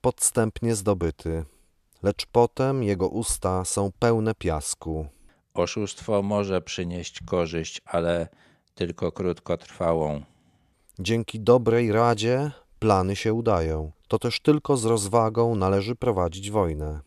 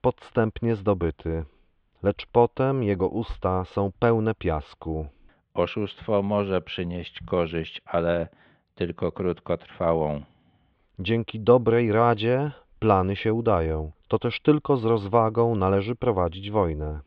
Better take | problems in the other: first | muffled; very; fading above 3.5 kHz

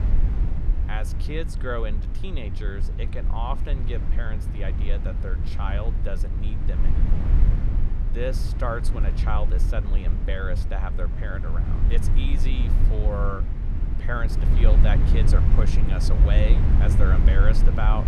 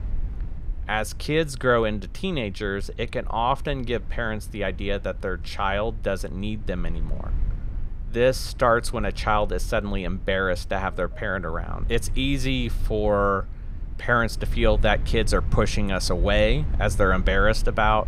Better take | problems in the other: second | low rumble; loud; throughout; 5 dB below the speech; faint in the second

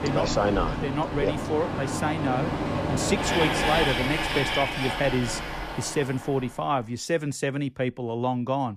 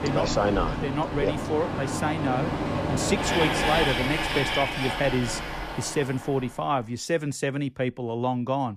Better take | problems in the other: neither | train or aircraft noise; loud; until 6.5 s; as loud as the speech; the same in both

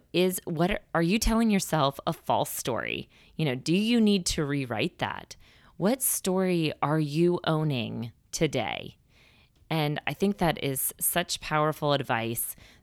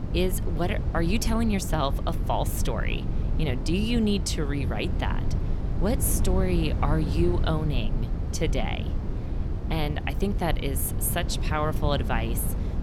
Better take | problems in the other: first | wind noise on the microphone; heavy; 10 dB below the speech

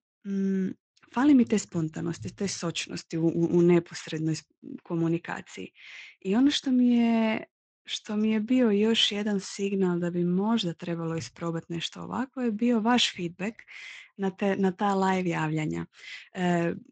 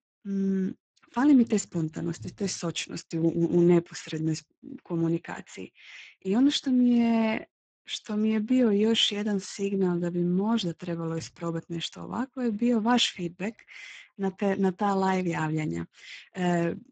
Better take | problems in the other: first | garbled, watery; badly; nothing above 7.5 kHz; slightly in the first

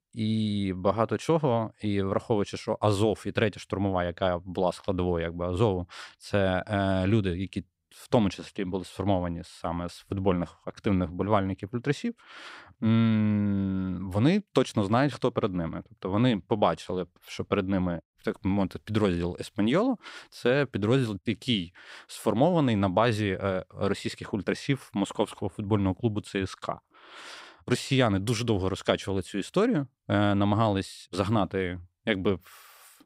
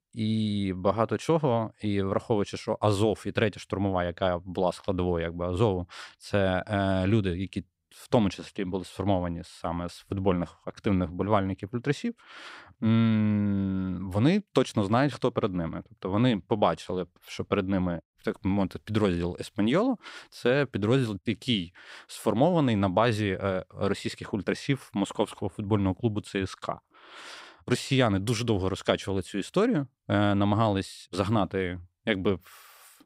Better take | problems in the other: neither | none

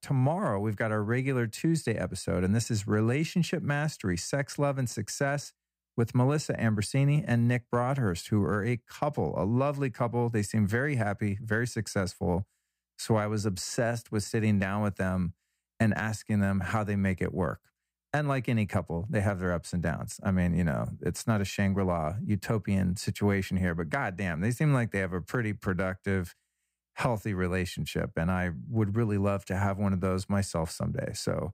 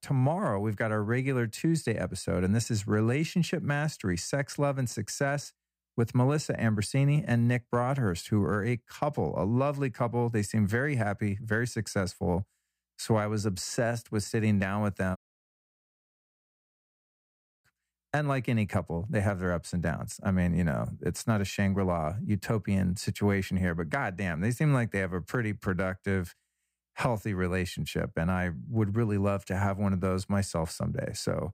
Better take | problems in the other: first | audio cutting out; at 15 s for 2.5 s

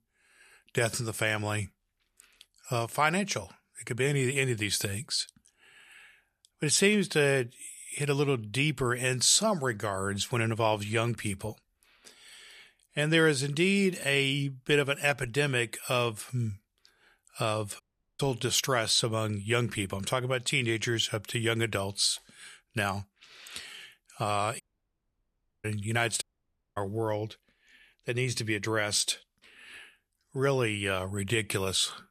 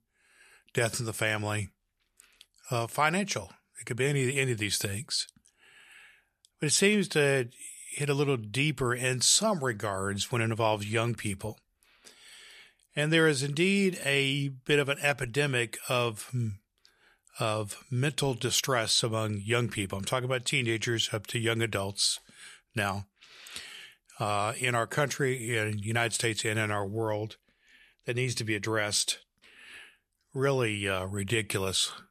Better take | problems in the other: second | audio cutting out; at 18 s, at 25 s for 1 s and at 26 s for 0.5 s

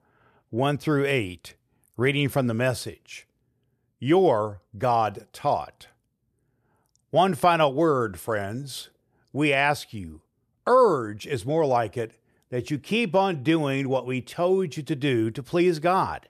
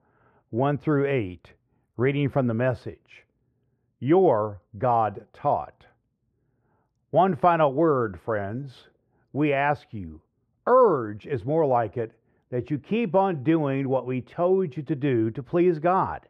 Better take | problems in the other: first | muffled; very; fading above 4 kHz

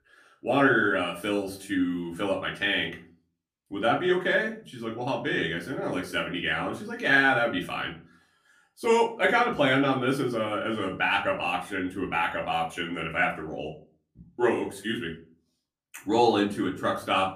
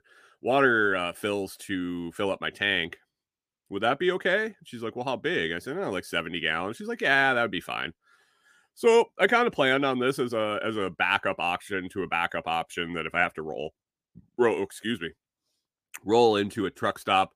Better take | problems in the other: second | off-mic speech; far // room echo; very slight; dies away in 0.3 s

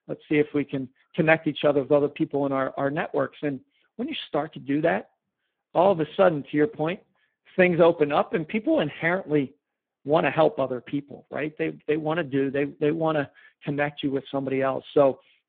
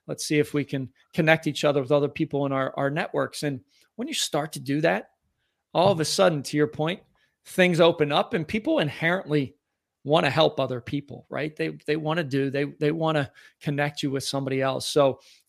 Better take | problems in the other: second | phone-call audio; poor line

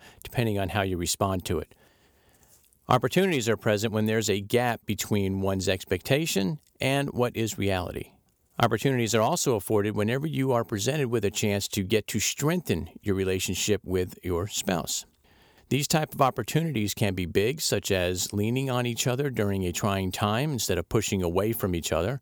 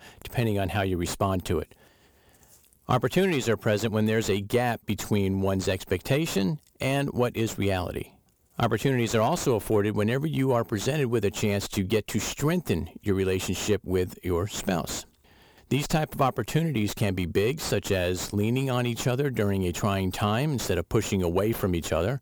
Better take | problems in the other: first | distortion; slight; 9 dB below the speech

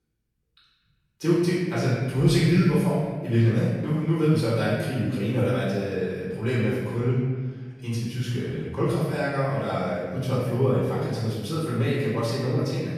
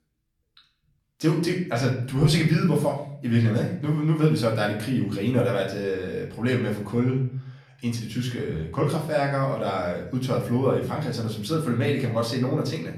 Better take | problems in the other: second | room echo; strong; dies away in 1.4 s; slight in the second // off-mic speech; far; far in the second

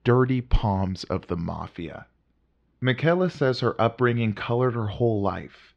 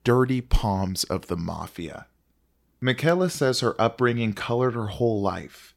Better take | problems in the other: second | muffled; slightly; fading above 3.5 kHz

